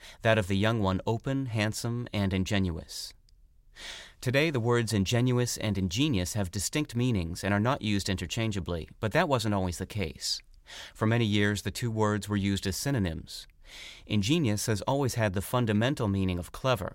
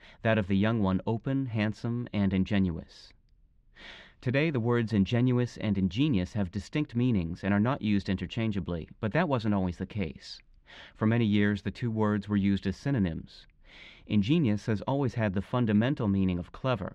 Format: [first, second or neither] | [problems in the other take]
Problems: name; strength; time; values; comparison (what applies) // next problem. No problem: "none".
first | muffled; slightly; fading above 2.5 kHz